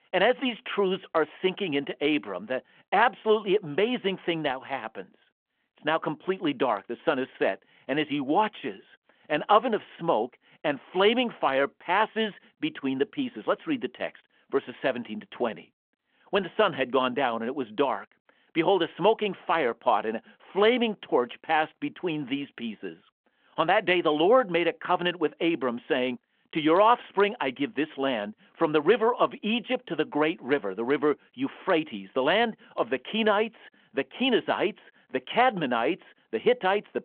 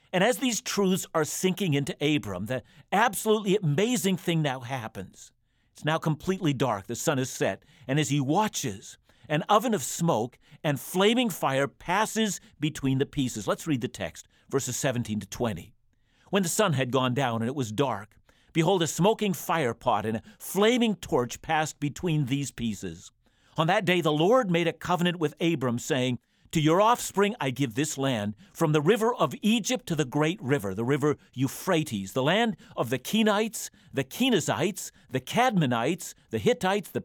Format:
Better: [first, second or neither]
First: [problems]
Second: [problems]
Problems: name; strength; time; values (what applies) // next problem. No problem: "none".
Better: second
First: phone-call audio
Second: none